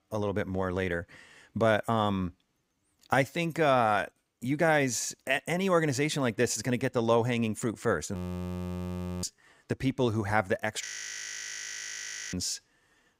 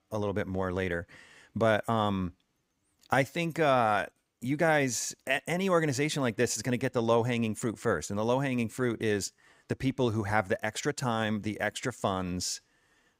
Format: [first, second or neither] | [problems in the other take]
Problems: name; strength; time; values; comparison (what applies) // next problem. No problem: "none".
second | audio freezing; at 8 s for 1 s and at 11 s for 1.5 s